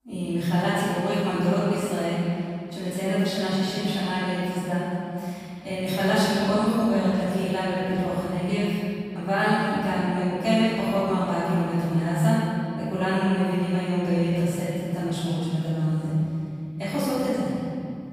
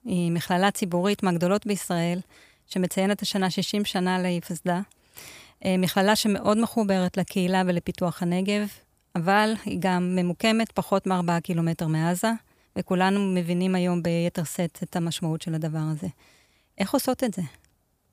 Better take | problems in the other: second | off-mic speech; far // room echo; strong; dies away in 2.6 s

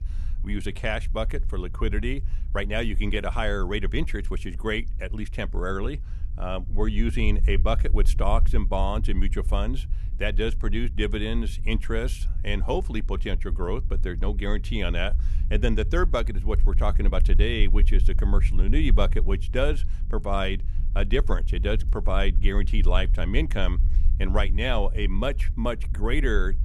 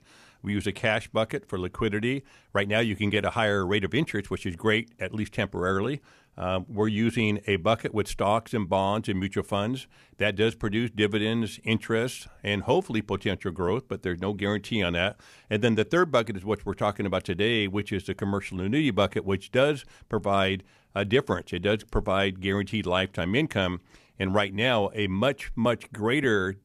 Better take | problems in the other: second | low rumble; noticeable; throughout; 20 dB below the speech

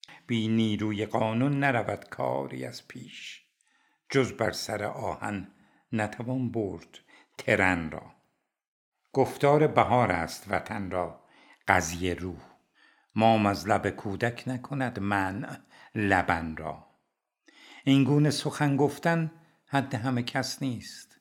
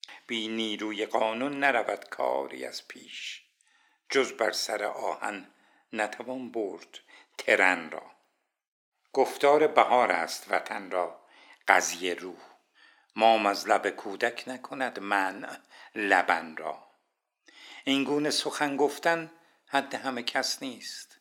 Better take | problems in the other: first | thin; somewhat; fading below 350 Hz

